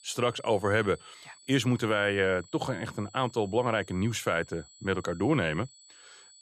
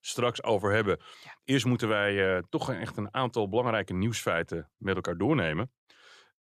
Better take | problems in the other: second | high-pitched whine; faint; throughout; 7.5 kHz, 25 dB below the speech

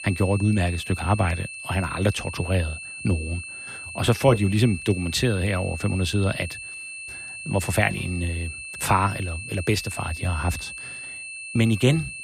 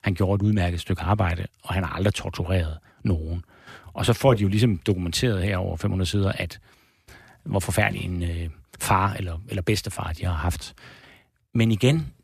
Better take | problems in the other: second | high-pitched whine; loud; throughout; 2.5 kHz, 10 dB below the speech

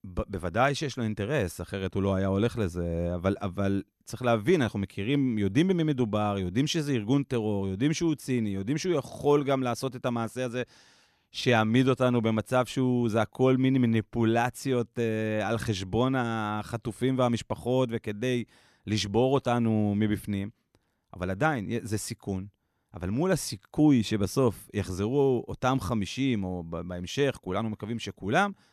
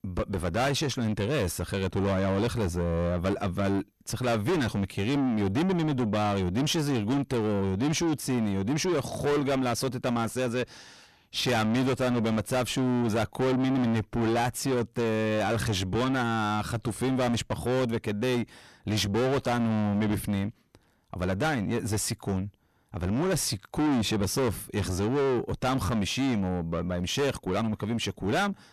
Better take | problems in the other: first | distortion; heavy; 6 dB below the speech

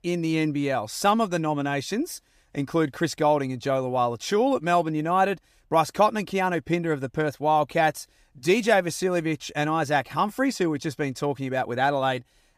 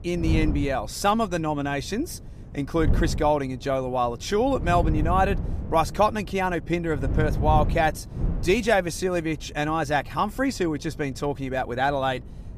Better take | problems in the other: first | wind noise on the microphone; occasional gusts; 15 dB below the speech

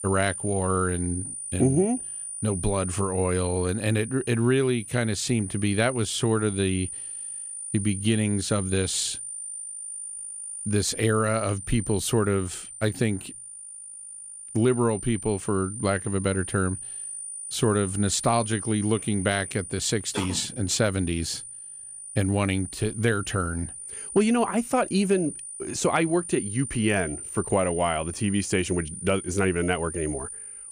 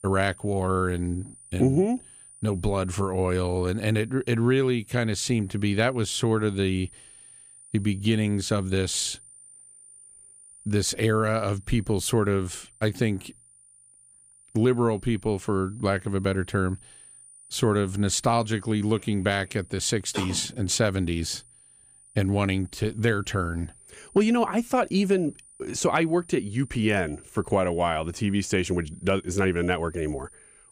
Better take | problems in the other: second | high-pitched whine; loud; throughout; 9.5 kHz, 9 dB below the speech; faint in the second

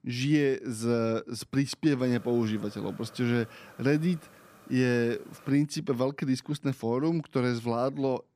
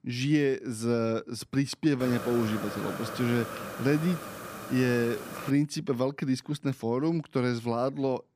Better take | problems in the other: first | hiss; loud; from 2 to 5.5 s; 9 dB below the speech; faint in the first

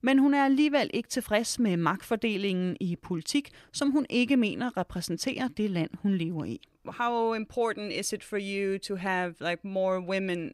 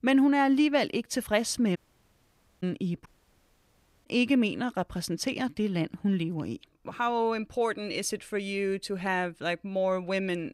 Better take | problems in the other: first | audio cutting out; at 2 s for 1 s and at 3 s for 1 s

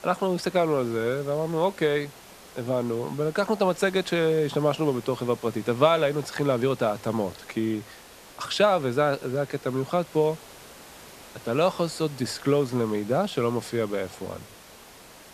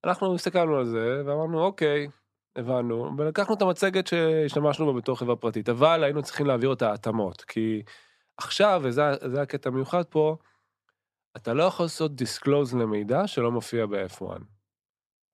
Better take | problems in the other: second | hiss; noticeable; throughout; 20 dB below the speech

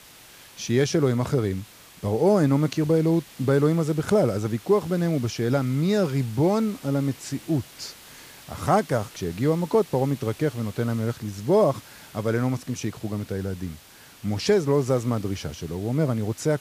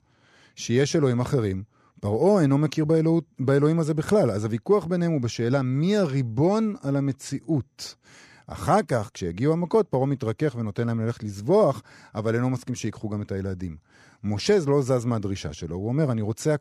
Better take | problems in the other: second | hiss; faint; throughout; 20 dB below the speech

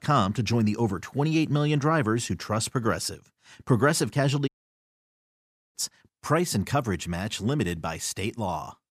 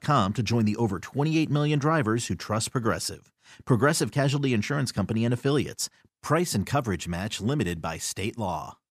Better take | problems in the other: second | audio cutting out; at 4.5 s for 1.5 s

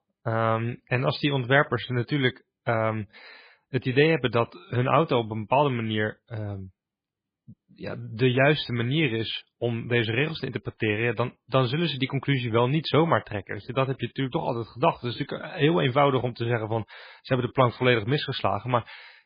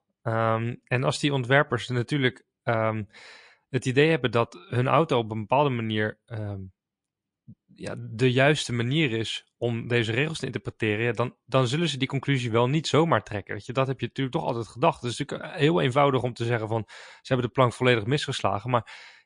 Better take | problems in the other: second | garbled, watery; badly; slightly in the second

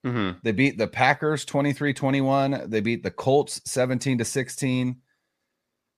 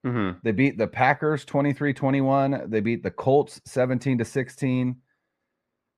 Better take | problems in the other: first | muffled; slightly; fading above 3 kHz

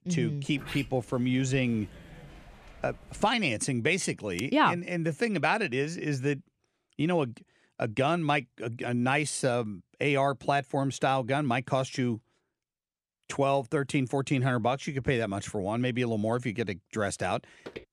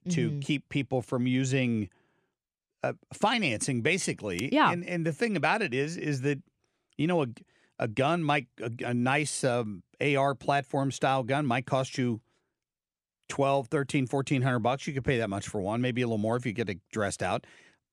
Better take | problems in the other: second | door banging; faint; until 3.5 s; peak 10 dB below the speech // footsteps; faint; at 17 s; peak 15 dB below the speech

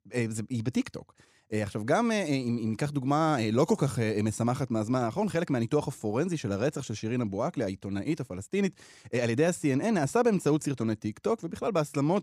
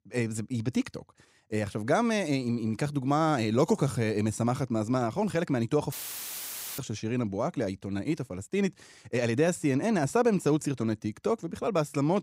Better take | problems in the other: first | audio cutting out; filled with static; at 6 s for 1 s

